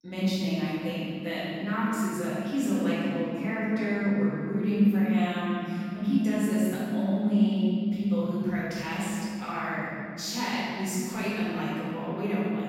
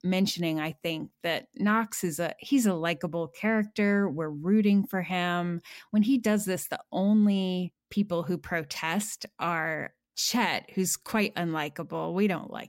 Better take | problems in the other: second | room echo; strong; dies away in 3 s // off-mic speech; far

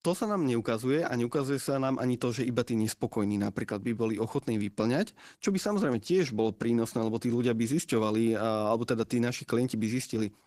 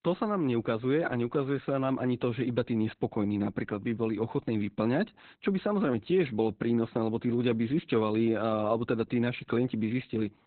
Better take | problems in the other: first | garbled, watery; badly; nothing above 4 kHz; slightly in the first

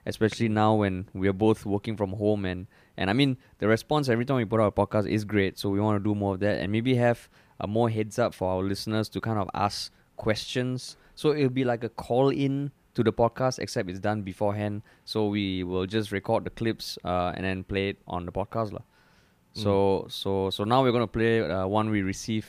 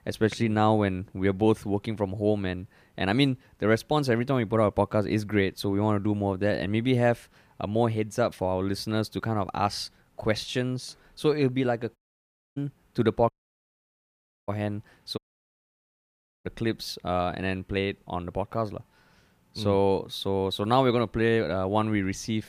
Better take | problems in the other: first | audio cutting out; at 12 s for 0.5 s, at 13 s for 1 s and at 15 s for 1.5 s

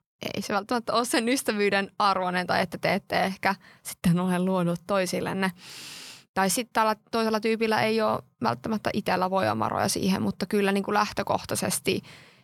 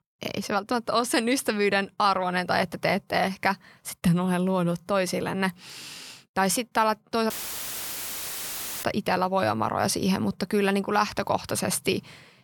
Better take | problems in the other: first | audio cutting out; filled with static; at 7.5 s for 1.5 s

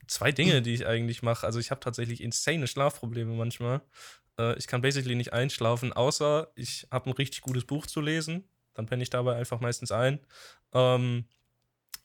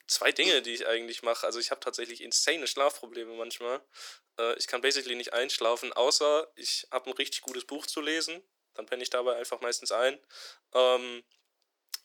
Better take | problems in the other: first | thin; very; fading below 300 Hz

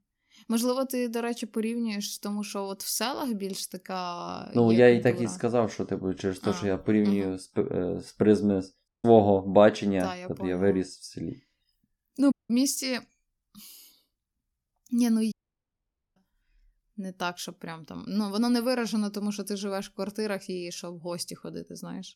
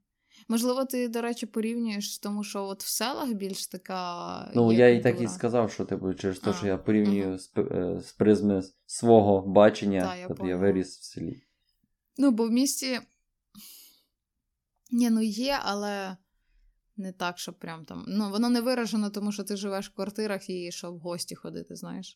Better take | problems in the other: second | audio cutting out; at 9 s, at 12 s and at 15 s for 1 s

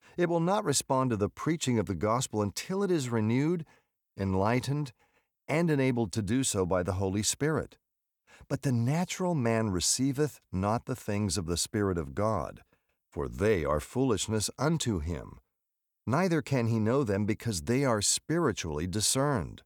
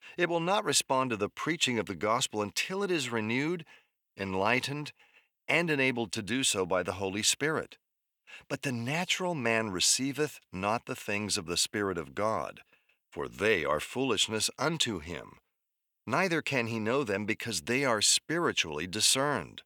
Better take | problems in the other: first | thin; very slightly; fading below 350 Hz

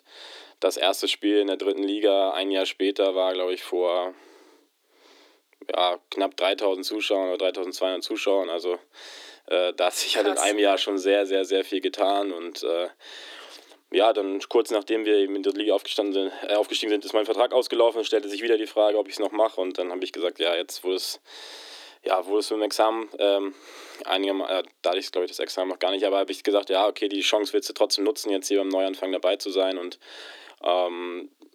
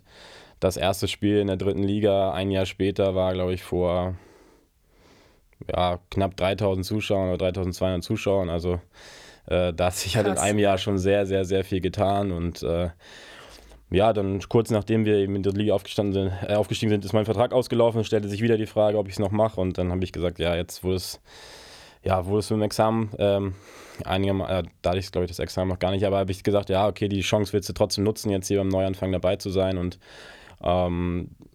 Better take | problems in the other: second | thin; somewhat; fading below 300 Hz

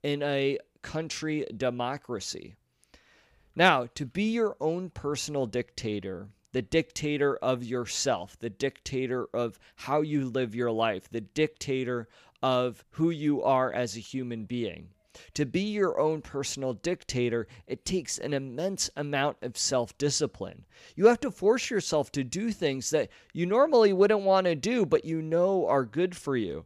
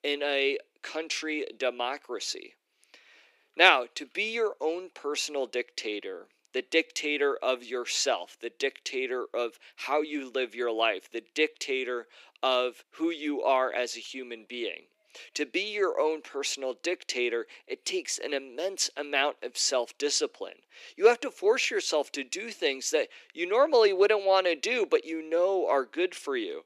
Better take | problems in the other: first | thin; somewhat; fading below 300 Hz

